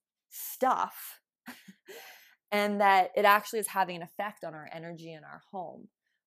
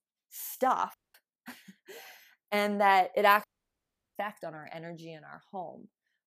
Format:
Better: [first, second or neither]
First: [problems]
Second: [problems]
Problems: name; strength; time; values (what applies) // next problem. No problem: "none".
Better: first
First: none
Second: audio cutting out; at 1 s and at 3.5 s for 0.5 s